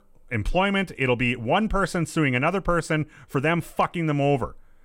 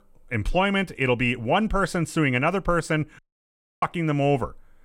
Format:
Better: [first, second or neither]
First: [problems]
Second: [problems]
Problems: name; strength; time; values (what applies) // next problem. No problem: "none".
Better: first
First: none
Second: audio cutting out; at 3 s for 0.5 s